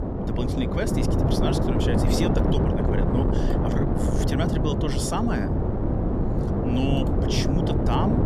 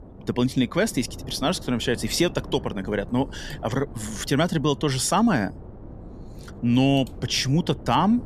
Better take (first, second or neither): second